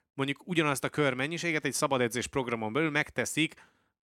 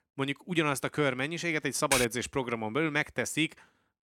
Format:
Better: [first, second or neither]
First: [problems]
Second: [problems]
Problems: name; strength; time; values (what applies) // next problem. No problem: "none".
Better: first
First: none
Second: keyboard typing; loud; at 2 s; peak 1 dB above the speech